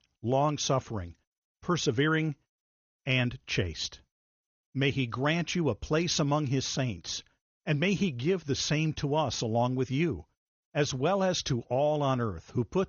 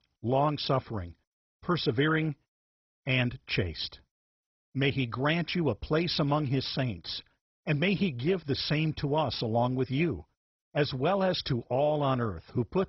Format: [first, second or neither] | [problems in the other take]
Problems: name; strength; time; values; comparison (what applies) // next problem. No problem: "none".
first | garbled, watery; badly; nothing above 5.5 kHz; slightly in the first